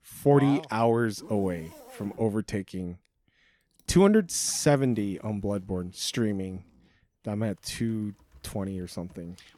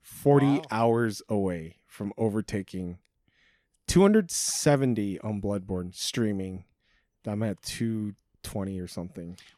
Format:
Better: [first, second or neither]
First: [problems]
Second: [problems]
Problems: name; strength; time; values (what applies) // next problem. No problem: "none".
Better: second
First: household noises; faint; throughout; 25 dB below the speech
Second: none